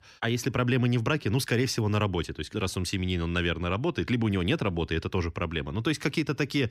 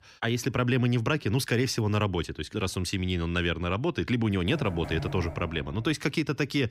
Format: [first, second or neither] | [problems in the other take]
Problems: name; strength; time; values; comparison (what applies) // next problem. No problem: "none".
first | door banging; noticeable; from 4.5 to 6 s; peak 8 dB below the speech